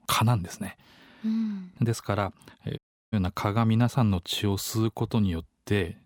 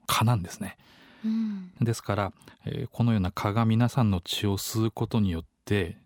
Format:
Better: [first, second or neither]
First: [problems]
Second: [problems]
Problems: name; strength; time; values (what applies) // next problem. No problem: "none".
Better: second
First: audio cutting out; at 3 s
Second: none